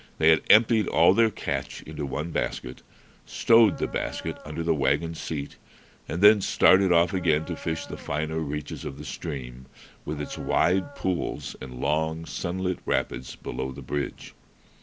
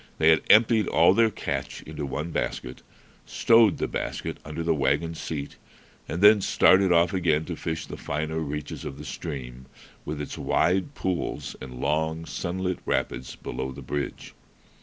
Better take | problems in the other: second | background sound (Dog); 19 dB below the speech

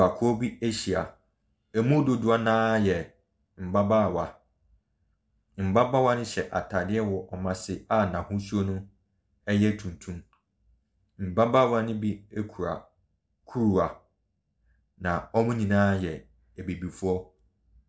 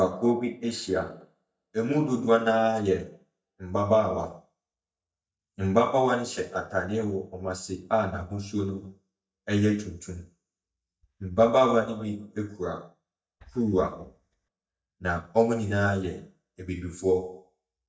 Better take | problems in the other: first | noise reduction (neural mask model DeepFilterNet 3)

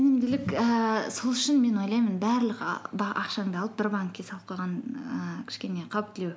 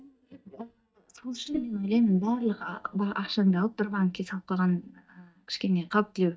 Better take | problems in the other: first | noise reduction (neural mask model DeepFilterNet 3)

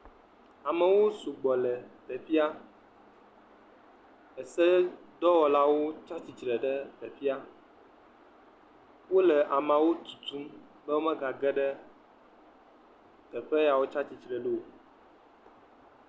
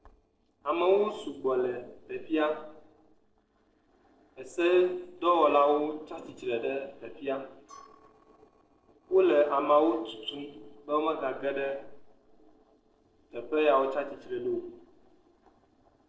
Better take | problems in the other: first | noise reduction (neural separator model SepFormer DNS4)

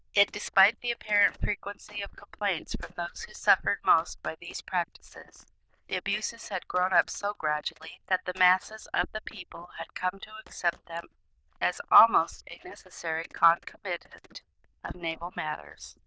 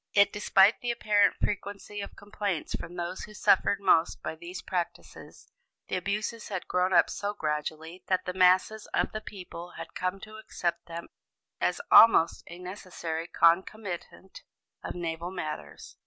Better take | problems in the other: second | noise reduction (neural diffusion model UNIVERSE++)

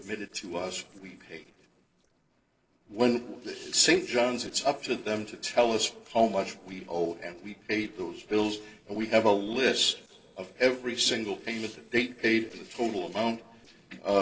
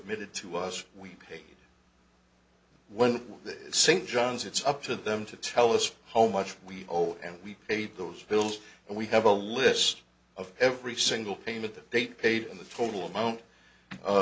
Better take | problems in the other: second | noise reduction (neural separator model SepFormer DNS4)

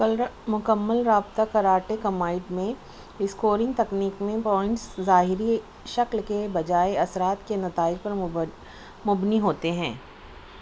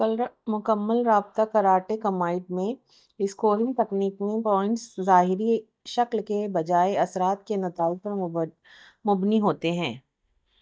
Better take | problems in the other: first | noise reduction (neural mask model DeepFilterNet 3)

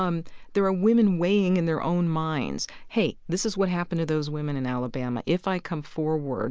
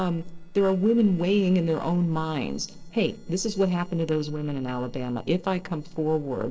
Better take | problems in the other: first | noise reduction (neural separator model SepFormer DNS4)

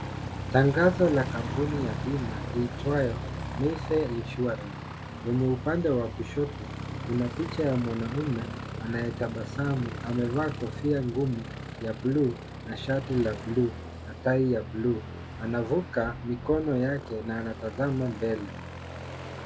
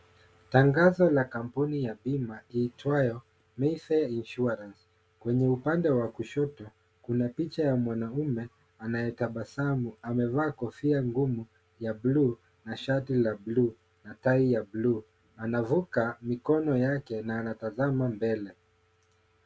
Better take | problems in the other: second | background sound (Aircraft); 7 dB below the speech

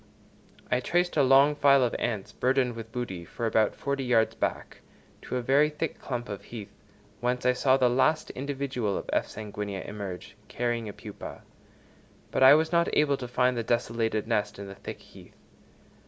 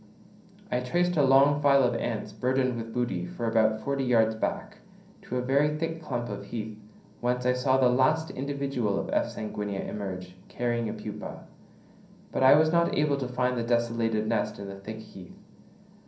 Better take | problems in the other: first | room echo; dies away in 0.6 s

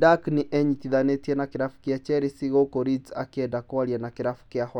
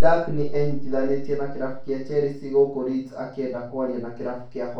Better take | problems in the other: first | room echo; dies away in 0.4 s

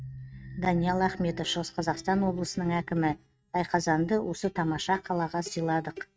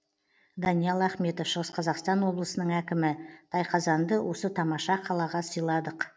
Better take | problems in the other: second | noise reduction (neural mask model RNNoise)

